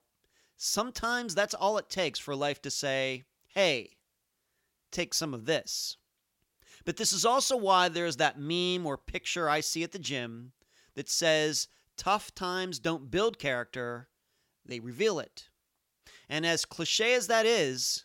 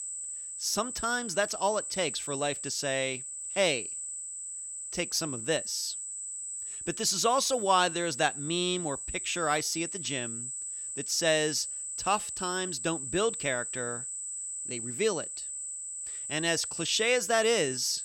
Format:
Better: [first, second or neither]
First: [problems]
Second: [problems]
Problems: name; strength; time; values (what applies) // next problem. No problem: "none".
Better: first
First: none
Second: high-pitched whine; loud; throughout; 8 kHz, 5 dB below the speech